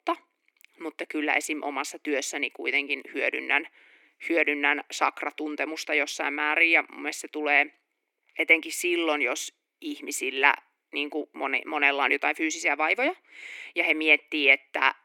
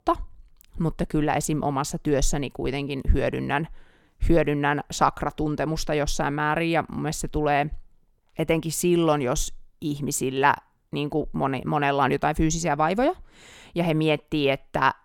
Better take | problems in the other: second | thin; somewhat; fading below 300 Hz

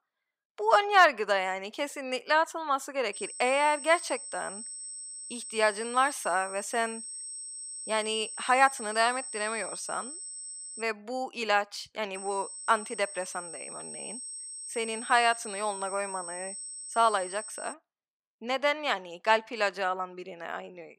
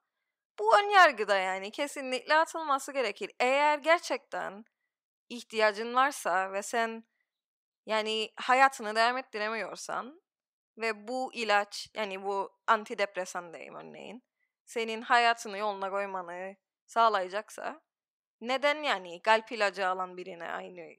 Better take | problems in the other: second | high-pitched whine; loud; from 3 to 11 s and from 12 to 18 s; 8 kHz, 10 dB below the speech

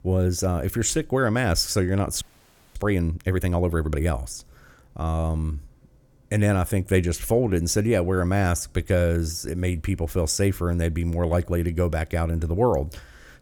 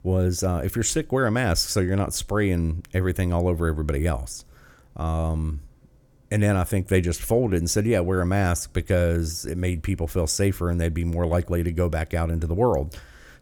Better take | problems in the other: second | audio freezing; at 2 s for 0.5 s

